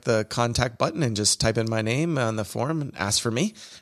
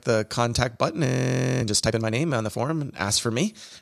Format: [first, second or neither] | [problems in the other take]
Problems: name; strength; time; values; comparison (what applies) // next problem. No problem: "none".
first | audio freezing; at 1 s for 0.5 s